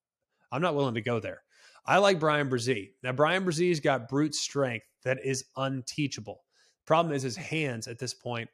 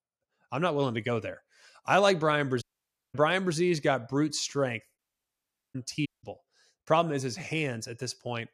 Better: first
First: none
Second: audio cutting out; at 2.5 s for 0.5 s, at 5 s for 1 s and at 6 s

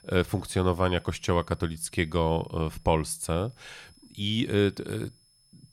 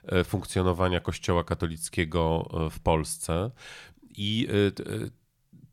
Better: second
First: high-pitched whine; faint; throughout; 5 kHz, 30 dB below the speech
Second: none

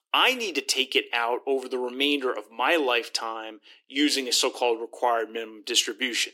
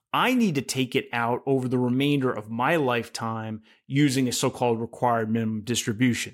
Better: second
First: thin; somewhat; fading below 300 Hz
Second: none

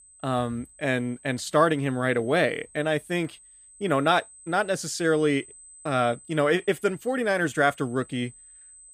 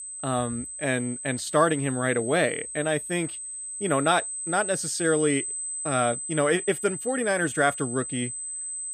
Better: first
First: high-pitched whine; faint; throughout; 8 kHz, 20 dB below the speech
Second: high-pitched whine; loud; throughout; 8 kHz, 6 dB below the speech

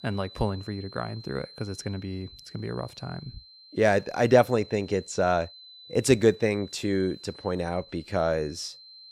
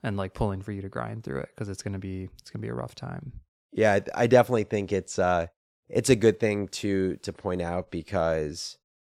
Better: second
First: high-pitched whine; noticeable; throughout; 4 kHz, 20 dB below the speech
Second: none

